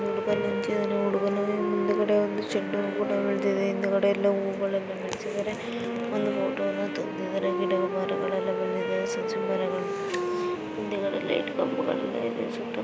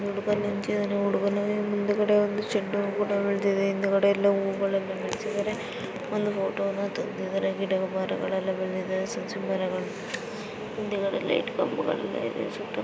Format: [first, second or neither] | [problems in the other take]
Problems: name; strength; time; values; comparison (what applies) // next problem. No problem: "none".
second | background sound (Wind instrument, woodwind instrument); 4 dB below the speech